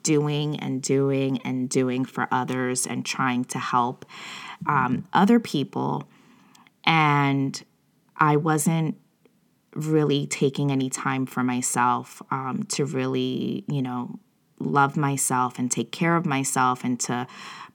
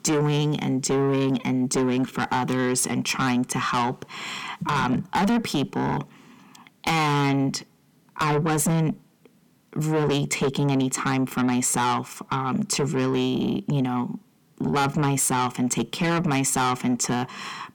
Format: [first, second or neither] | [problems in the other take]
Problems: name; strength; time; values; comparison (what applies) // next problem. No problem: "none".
first | distortion; heavy; 6 dB below the speech